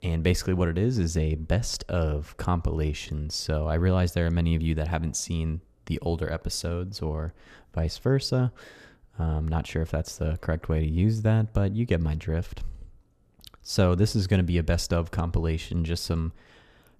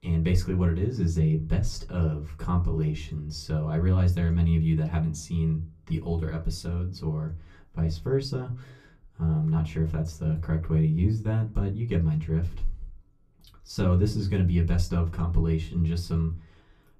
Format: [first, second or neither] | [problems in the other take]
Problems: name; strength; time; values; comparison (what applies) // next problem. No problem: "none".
first | off-mic speech; far // room echo; very slight; dies away in 0.2 s